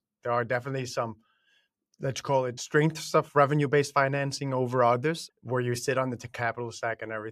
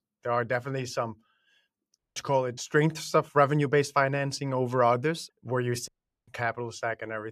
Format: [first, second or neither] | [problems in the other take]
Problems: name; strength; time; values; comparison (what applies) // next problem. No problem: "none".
first | audio cutting out; at 2 s and at 6 s